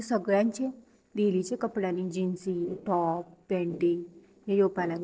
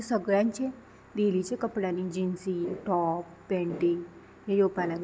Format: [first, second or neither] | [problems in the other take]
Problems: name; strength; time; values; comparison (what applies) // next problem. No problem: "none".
second | noise reduction (neural separator model SepFormer DNS4)